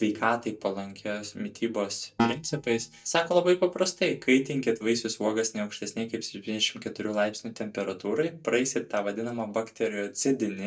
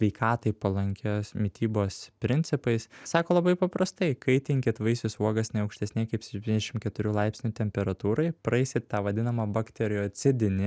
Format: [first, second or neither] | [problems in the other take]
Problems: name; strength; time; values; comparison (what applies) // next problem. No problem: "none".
second | noise reduction (neural mask model DeepFilterNet 3)